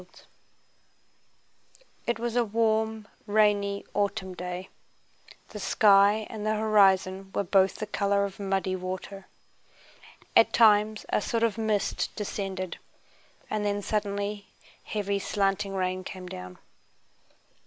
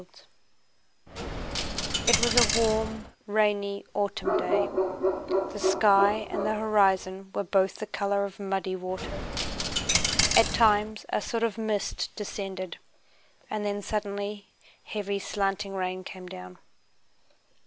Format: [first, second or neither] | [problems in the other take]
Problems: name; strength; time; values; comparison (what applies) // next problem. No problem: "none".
first | background sound (Coin (dropping) + Bark); 1 dB above the speech